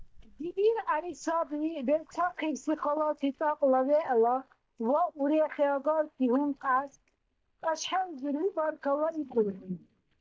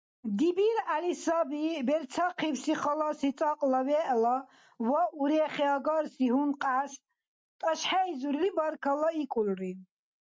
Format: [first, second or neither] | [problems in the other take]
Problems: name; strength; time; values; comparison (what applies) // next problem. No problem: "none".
second | noise reduction (neural mask model DeepFilterNet 3)